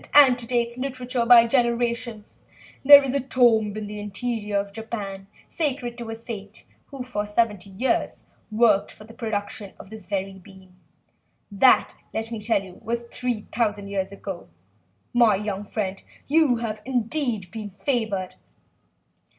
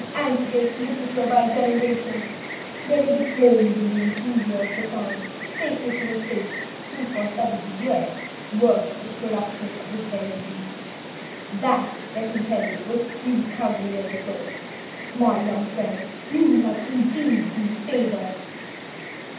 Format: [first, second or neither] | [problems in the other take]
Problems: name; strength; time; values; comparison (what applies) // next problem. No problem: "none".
first | background sound (Insect); 10 dB below the speech // room echo; dies away in 0.8 s